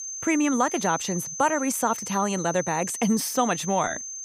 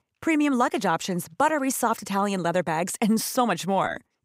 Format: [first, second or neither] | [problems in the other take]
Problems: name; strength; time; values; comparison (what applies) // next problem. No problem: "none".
second | high-pitched whine; loud; throughout; 6.5 kHz, 7 dB below the speech